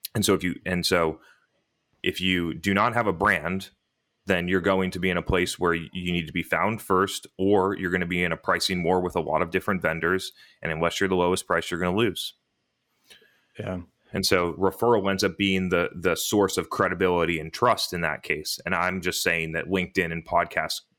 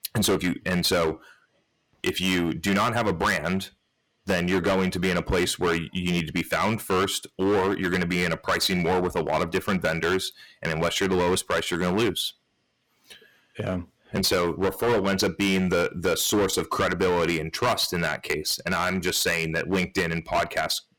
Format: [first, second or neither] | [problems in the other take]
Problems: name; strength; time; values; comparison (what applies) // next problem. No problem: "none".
first | distortion; heavy; 12% of the sound clipped